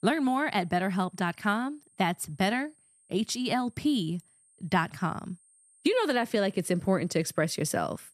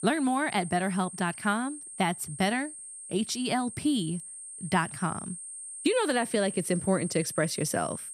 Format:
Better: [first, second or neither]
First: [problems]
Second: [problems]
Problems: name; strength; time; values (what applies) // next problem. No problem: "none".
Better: first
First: high-pitched whine; faint; throughout; 8.5 kHz, 30 dB below the speech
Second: high-pitched whine; loud; throughout; 8.5 kHz, 10 dB below the speech